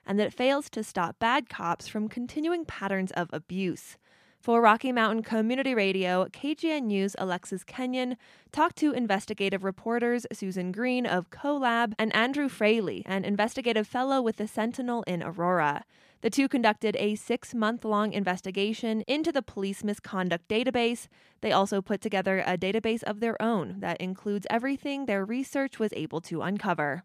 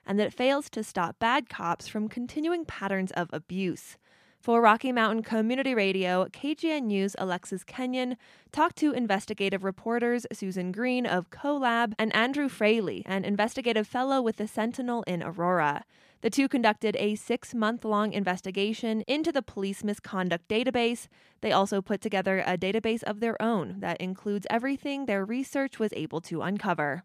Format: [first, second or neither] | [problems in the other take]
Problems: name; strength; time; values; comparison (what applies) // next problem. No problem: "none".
neither | none